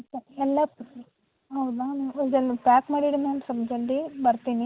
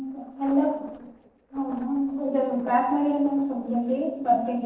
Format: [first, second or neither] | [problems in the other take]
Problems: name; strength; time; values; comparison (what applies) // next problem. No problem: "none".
first | noise reduction (neural separator model SepFormer DNS4)